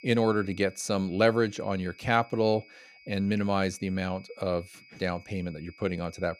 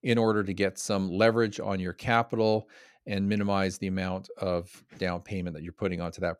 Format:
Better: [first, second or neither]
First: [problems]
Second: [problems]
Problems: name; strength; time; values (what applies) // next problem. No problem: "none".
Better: second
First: high-pitched whine; faint; throughout; 2.5 kHz, 25 dB below the speech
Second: none